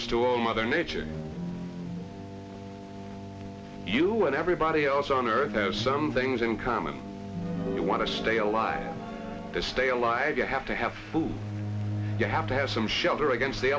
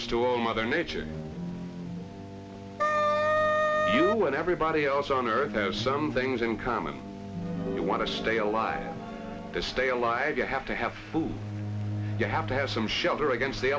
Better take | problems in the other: first | background sound (Wind instrument, woodwind instrument); 4 dB above the speech

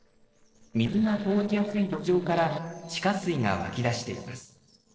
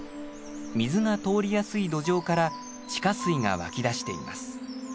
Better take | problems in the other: second | noise reduction (neural separator model SepFormer DNS4)

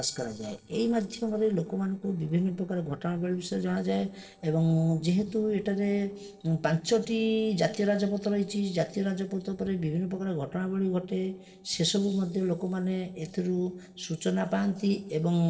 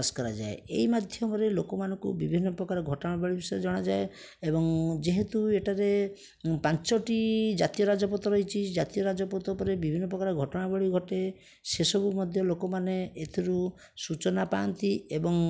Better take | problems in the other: second | noise reduction (neural separator model SepFormer DNS4)

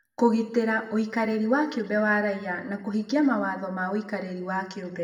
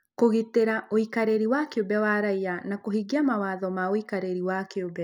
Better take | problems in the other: second | room echo; dies away in 0.9 s

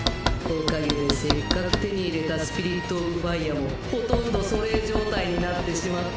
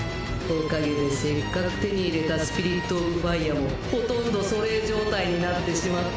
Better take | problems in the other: second | background sound (Knock); 4 dB below the speech

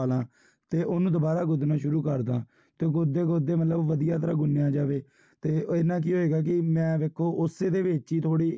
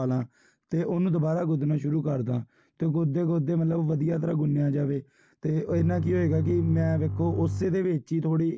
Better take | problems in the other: first | background sound (Bowed string instrument); 5 dB below the speech

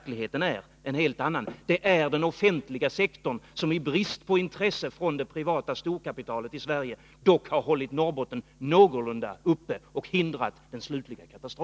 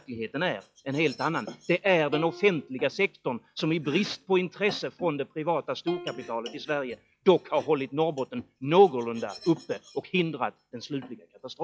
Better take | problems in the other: first | noise reduction (classical method log-MMSE)

